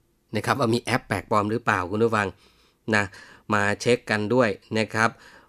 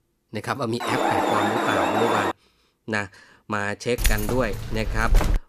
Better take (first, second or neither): first